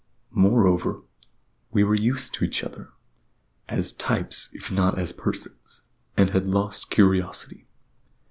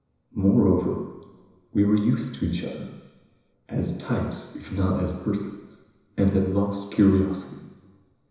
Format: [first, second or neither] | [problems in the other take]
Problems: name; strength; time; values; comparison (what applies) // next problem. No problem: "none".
first | room echo; dies away in 1 s